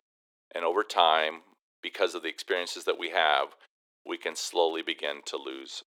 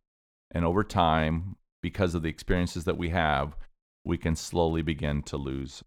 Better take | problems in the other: second | thin; very; fading below 350 Hz

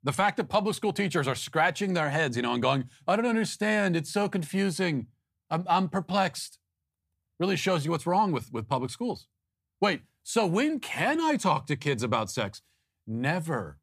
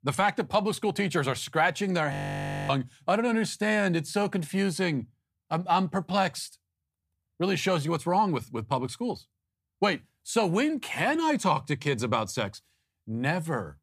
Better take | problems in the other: first | audio freezing; at 2 s for 0.5 s

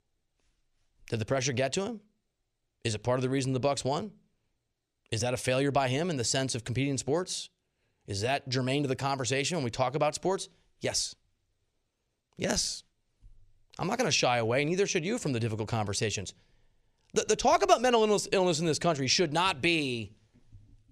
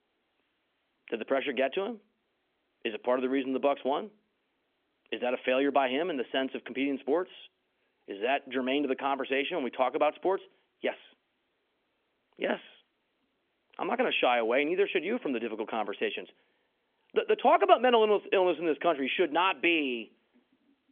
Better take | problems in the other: first | phone-call audio; nothing above 3.5 kHz

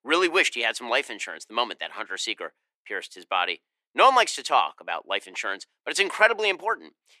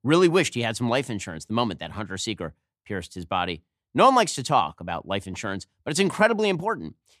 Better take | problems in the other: second | thin; very; fading below 350 Hz

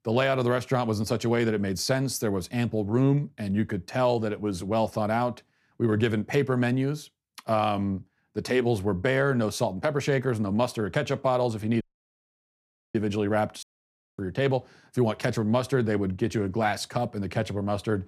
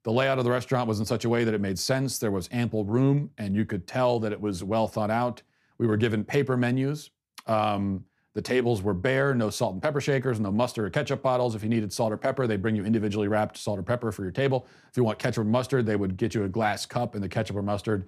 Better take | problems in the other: second | audio cutting out; at 12 s for 1 s and at 14 s for 0.5 s

